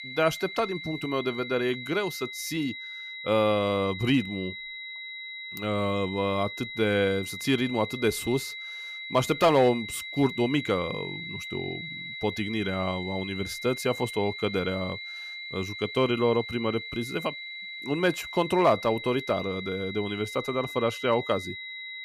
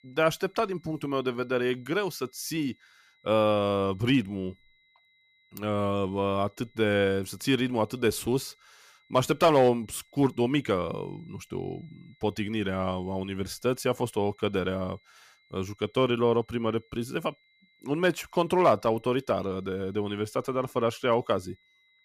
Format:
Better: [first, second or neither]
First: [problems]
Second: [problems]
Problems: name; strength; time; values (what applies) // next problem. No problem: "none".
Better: second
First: high-pitched whine; loud; throughout; 2 kHz, 8 dB below the speech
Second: high-pitched whine; faint; throughout; 2 kHz, 35 dB below the speech